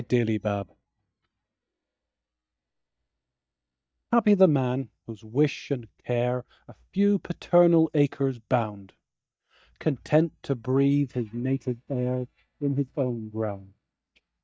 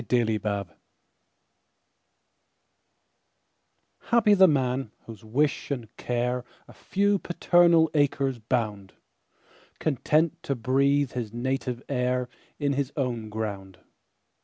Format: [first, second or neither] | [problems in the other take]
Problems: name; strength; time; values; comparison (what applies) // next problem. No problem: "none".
second | noise reduction (neural mask model DeepFilterNet 3)